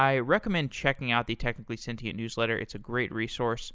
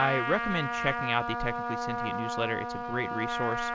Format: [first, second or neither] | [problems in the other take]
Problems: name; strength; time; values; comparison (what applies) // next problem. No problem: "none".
first | background sound (Trumpet); 1 dB below the speech